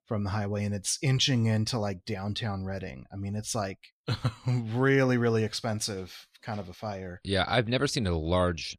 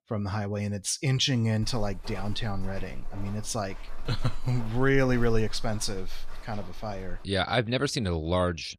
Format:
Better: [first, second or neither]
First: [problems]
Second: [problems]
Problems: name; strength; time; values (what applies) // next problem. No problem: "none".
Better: first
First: none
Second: footsteps; faint; from 1.5 to 7.5 s; peak 10 dB below the speech